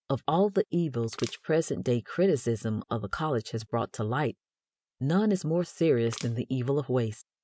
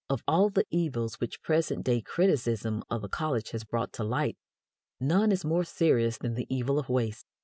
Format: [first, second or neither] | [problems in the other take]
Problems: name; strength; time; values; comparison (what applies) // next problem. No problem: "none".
second | background sound (Crushing); 16 dB below the speech